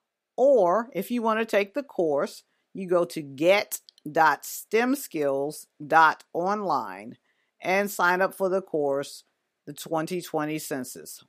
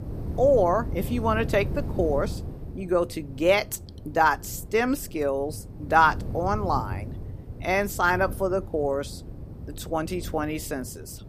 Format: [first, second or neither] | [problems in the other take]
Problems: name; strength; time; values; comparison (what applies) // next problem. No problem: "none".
first | wind noise on the microphone; occasional gusts; 20 dB below the speech